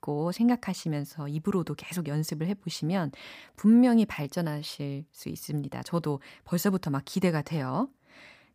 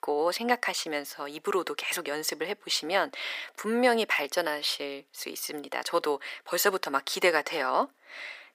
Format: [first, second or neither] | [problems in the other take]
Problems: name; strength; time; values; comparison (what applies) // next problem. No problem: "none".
first | thin; very; fading below 400 Hz